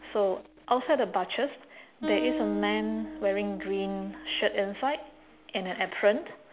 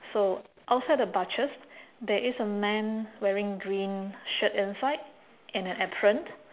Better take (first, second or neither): second